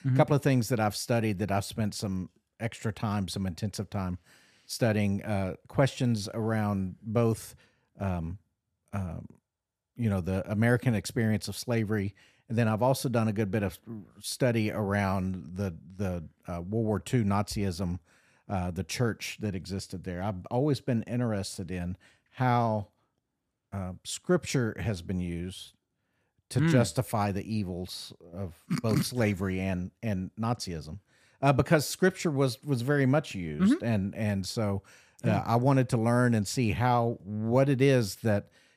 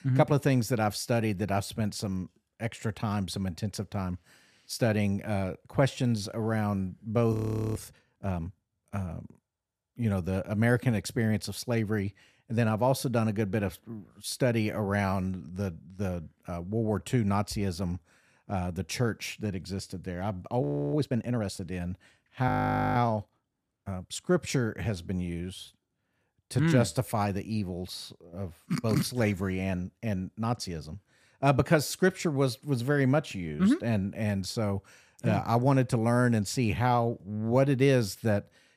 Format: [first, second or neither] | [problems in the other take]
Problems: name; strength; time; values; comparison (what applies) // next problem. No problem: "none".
first | audio freezing; at 7.5 s, at 21 s and at 22 s